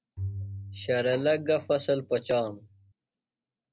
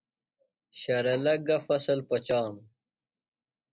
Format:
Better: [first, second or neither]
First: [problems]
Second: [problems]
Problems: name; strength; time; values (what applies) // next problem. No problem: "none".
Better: second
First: background sound (Bowed string instrument); 11 dB below the speech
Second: none